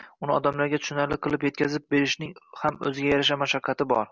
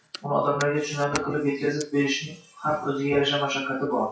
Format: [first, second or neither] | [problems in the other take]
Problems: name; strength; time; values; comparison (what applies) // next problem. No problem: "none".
first | noise reduction (classical method WPE with log-MMSE)